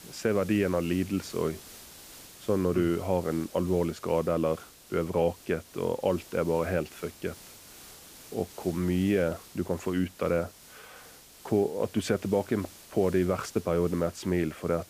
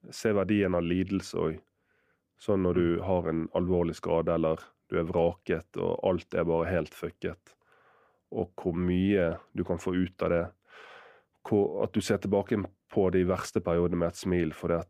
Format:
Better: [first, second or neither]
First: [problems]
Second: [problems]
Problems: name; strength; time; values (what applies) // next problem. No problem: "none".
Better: second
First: hiss; noticeable; throughout; 20 dB below the speech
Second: none